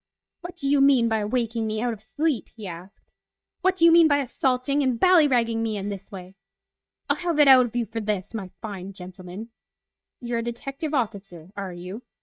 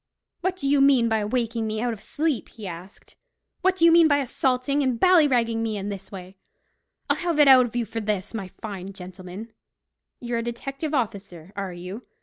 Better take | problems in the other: second | noise reduction (neural mask model DeepFilterNet 3)

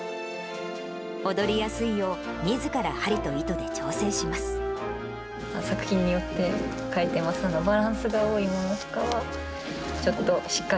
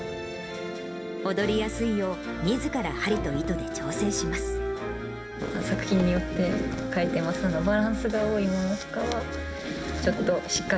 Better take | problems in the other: first | background sound (Fireworks); 17 dB below the speech // room echo; dies away in 0.5 s

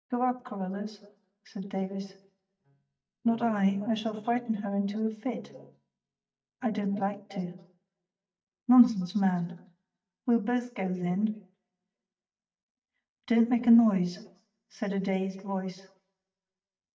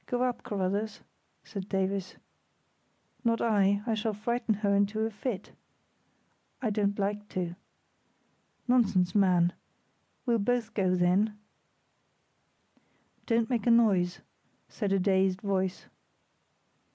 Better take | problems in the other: second | noise reduction (neural mask model DeepFilterNet 3)

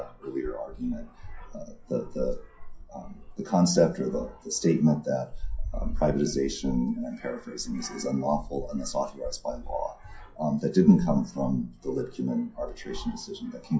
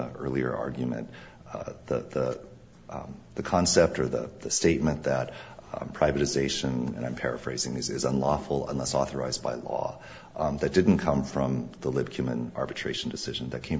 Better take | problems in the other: second | noise reduction (classical method WPE with log-MMSE)

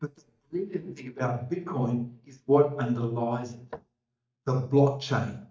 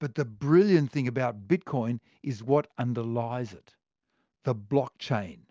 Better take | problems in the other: second | noise reduction (neural mask model DeepFilterNet 3)

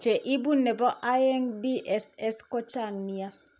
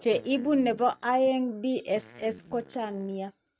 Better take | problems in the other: first | noise reduction (neural mask model RNNoise)

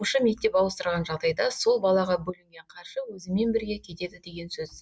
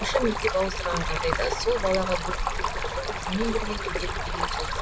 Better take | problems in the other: first | background sound (Stream); 1 dB above the speech

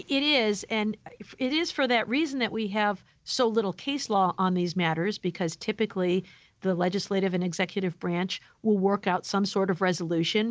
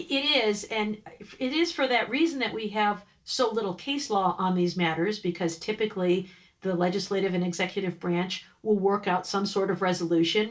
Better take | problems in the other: first | room echo; dies away in 0.2 s

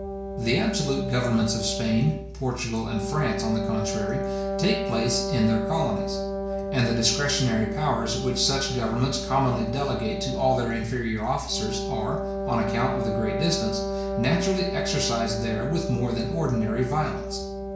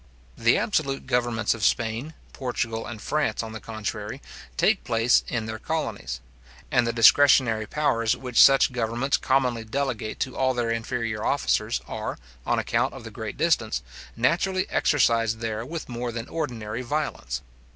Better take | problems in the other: second | background sound (Wind instrument, woodwind instrument); 5 dB below the speech // room echo; dies away in 0.6 s

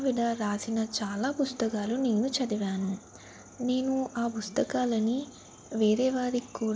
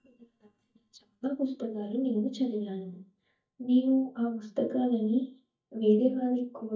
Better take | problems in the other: first | noise reduction (neural mask model DeepFilterNet 3)

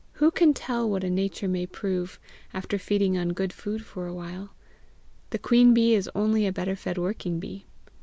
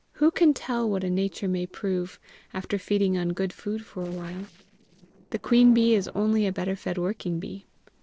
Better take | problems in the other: first | noise reduction (neural separator model SepFormer DNS4)

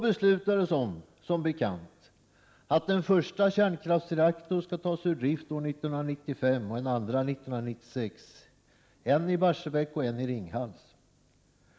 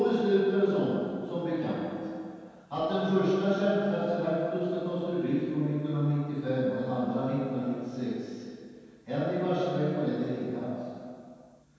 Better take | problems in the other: first | room echo; dies away in 2.1 s

